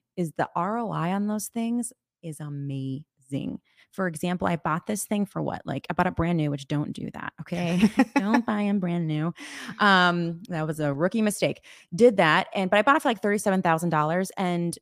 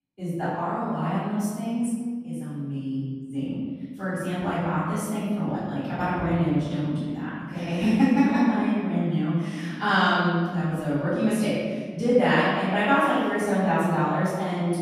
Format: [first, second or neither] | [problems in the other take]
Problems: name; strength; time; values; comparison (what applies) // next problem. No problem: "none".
first | off-mic speech; far // room echo; strong; dies away in 1.6 s